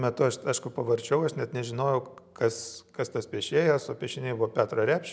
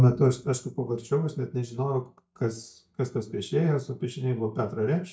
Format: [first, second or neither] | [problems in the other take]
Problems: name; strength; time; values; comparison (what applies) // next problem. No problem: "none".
first | noise reduction (neural mask model DeepFilterNet 3)